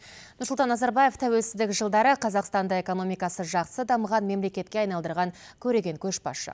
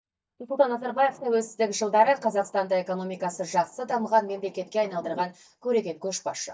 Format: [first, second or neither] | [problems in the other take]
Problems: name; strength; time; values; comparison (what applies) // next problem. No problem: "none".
first | noise reduction (neural mask model DeepFilterNet 3)